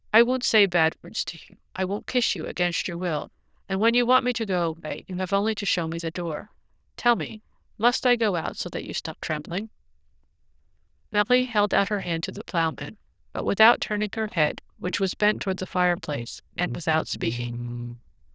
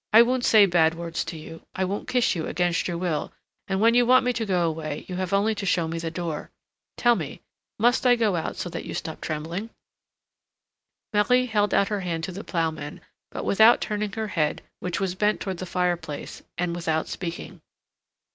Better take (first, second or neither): second